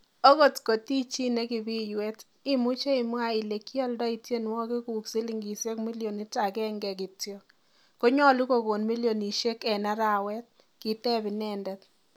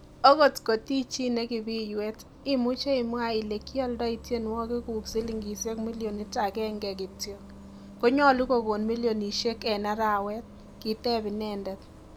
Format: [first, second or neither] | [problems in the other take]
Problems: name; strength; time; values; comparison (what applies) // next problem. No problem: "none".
first | background sound (Bus); 18 dB below the speech